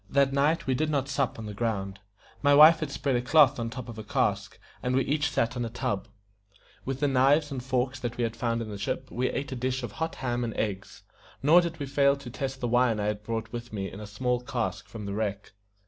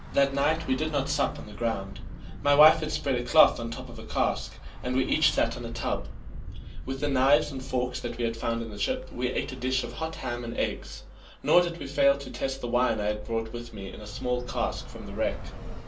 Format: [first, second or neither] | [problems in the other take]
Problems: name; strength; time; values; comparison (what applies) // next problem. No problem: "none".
first | background sound (Traffic noise, roadway noise / Bus); 11 dB below the speech // room echo; dies away in 0.3 s